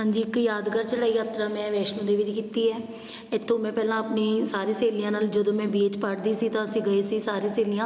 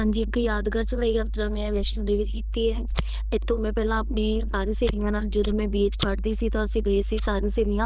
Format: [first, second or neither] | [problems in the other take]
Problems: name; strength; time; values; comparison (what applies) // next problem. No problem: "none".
first | noise reduction (neural diffusion model UNIVERSE++)